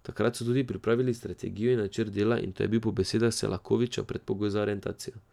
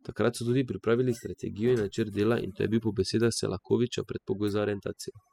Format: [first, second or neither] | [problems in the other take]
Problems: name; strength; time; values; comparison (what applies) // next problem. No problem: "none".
first | noise reduction (classical method spectral subtraction)